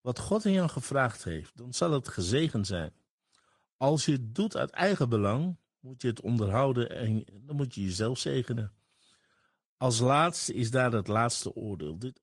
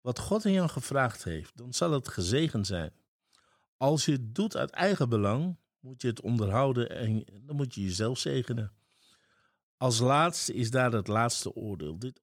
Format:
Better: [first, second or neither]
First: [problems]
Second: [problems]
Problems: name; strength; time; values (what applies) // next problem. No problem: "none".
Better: second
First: garbled, watery; slightly; nothing above 10 kHz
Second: none